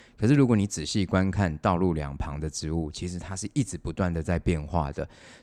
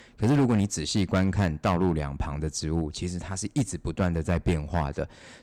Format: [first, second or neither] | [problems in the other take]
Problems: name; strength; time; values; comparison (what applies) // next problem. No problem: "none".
first | distortion; slight; 5% of the sound clipped